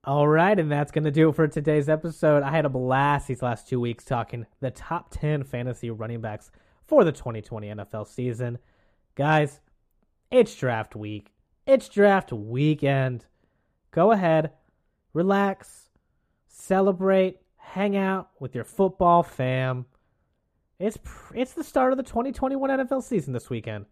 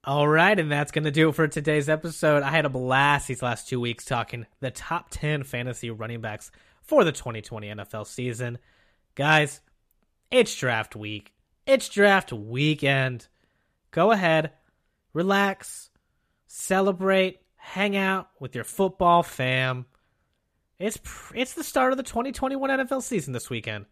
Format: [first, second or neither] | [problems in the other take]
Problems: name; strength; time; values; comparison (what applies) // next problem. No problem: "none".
second | muffled; slightly; fading above 1.5 kHz